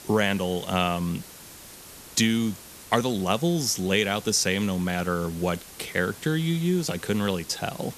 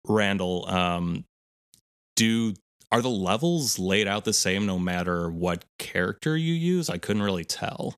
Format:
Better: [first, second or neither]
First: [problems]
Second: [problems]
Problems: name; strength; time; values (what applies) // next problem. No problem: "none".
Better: second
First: hiss; noticeable; throughout; 15 dB below the speech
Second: none